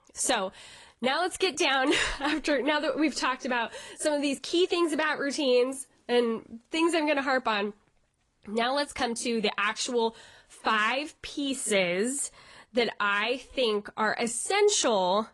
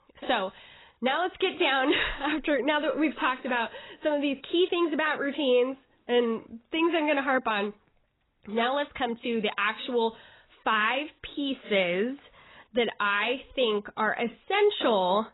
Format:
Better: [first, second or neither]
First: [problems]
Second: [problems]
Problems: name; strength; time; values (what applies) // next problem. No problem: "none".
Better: first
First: garbled, watery; slightly; nothing above 10.5 kHz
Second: garbled, watery; badly; nothing above 4 kHz